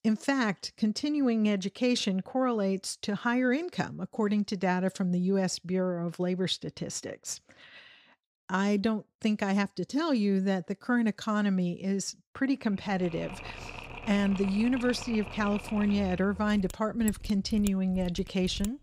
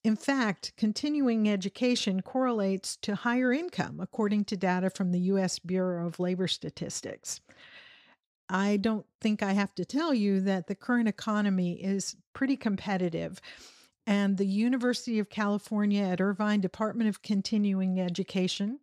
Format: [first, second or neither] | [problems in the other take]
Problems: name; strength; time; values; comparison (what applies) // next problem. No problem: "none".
second | machinery noise; noticeable; from 13 s on; 15 dB below the speech